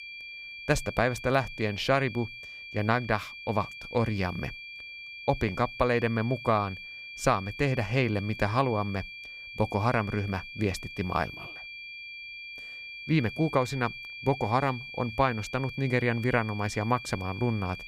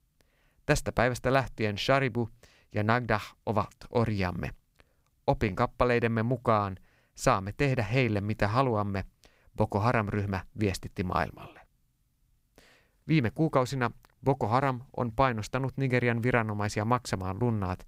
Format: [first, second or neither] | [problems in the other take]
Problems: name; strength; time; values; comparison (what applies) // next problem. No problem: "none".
second | high-pitched whine; noticeable; throughout; 2.5 kHz, 10 dB below the speech